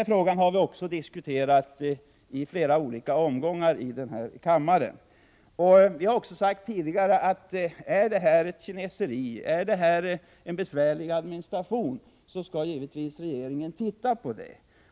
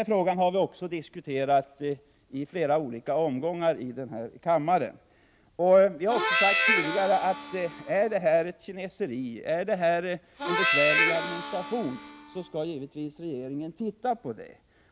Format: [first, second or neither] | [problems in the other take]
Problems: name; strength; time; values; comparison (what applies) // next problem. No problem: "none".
first | background sound (Harmonica); 1 dB below the speech